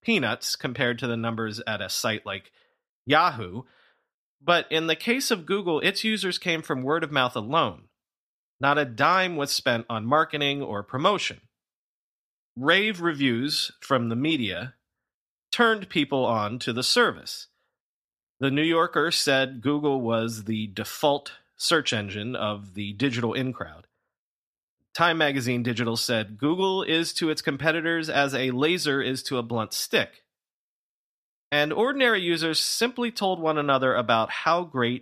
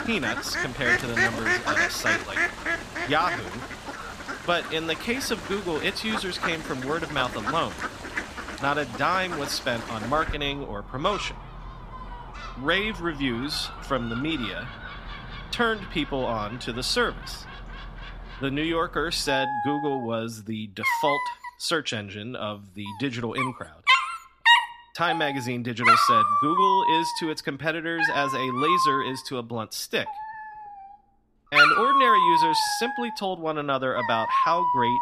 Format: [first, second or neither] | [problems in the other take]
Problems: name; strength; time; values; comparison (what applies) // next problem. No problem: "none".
first | animal sounds; very loud; throughout; 3 dB above the speech